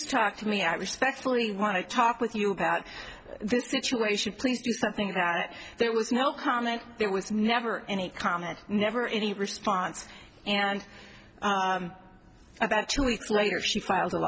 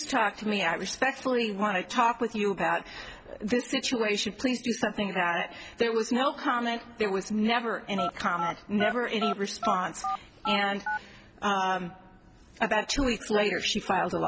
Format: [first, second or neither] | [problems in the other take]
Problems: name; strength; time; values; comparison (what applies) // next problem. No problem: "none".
first | background sound (Telephone); 5 dB below the speech